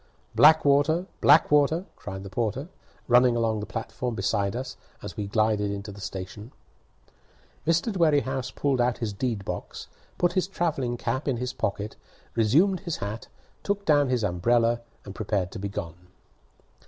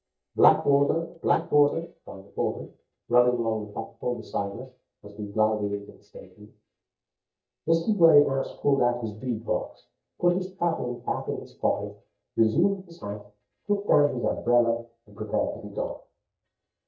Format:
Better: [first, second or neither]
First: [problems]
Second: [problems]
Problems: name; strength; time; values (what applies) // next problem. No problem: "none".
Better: first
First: none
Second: noise reduction (neural mask model DeepFilterNet 3)